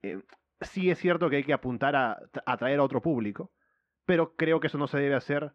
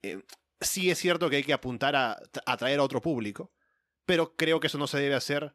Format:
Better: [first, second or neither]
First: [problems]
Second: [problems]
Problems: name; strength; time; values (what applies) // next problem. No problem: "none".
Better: second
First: muffled; very; fading above 1.5 kHz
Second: none